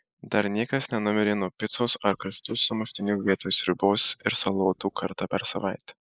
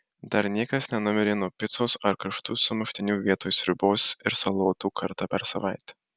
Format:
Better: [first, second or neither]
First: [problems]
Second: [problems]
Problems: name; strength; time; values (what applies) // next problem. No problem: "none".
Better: second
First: noise reduction (neural mask model Resemble Enhance denoiser)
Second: none